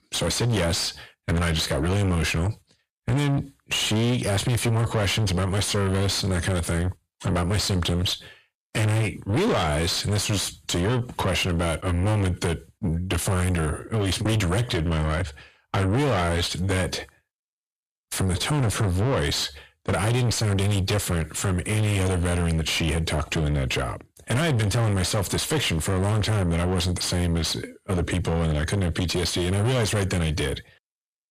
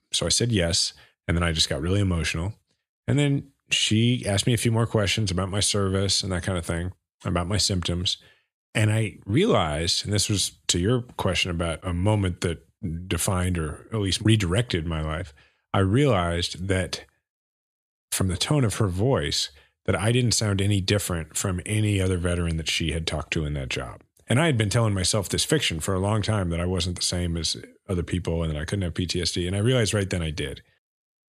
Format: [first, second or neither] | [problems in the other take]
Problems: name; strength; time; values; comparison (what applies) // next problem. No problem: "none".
second | distortion; heavy; 5 dB below the speech